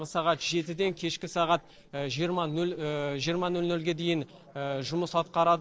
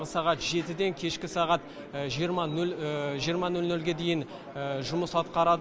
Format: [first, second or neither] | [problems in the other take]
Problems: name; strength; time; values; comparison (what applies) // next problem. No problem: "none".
second | noise reduction (neural separator model SepFormer DNS4)